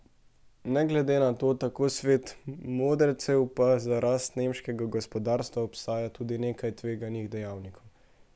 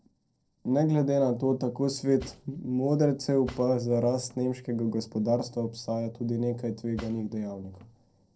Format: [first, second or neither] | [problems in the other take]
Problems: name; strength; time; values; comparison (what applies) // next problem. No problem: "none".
first | noise reduction (neural separator model SepFormer DNS4)